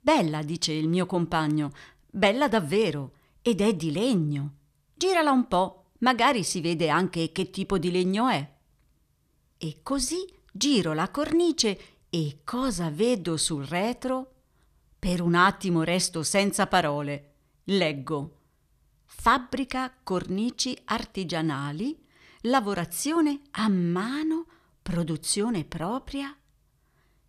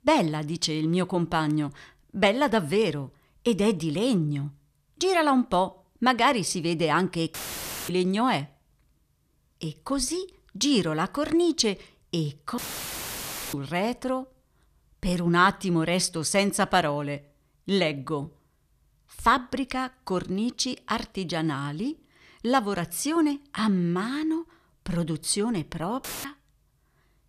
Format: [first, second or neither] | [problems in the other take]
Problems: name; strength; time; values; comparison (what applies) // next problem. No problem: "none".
first | audio cutting out; filled with static; at 7.5 s for 0.5 s, at 13 s for 1 s and at 26 s